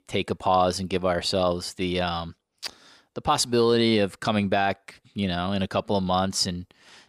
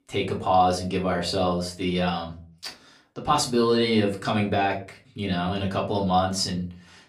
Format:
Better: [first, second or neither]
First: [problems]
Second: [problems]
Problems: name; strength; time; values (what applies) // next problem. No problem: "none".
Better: first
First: none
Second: off-mic speech; far // room echo; very slight; dies away in 0.3 s